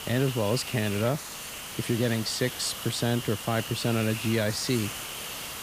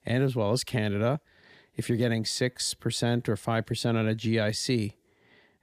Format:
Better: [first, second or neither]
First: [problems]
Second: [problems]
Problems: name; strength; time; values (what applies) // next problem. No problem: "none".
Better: second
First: hiss; loud; throughout; 7 dB below the speech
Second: none